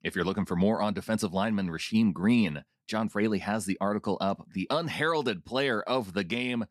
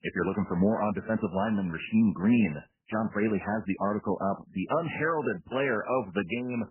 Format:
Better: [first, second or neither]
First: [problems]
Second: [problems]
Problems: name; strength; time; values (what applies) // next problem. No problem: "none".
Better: first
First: none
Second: garbled, watery; badly; nothing above 3 kHz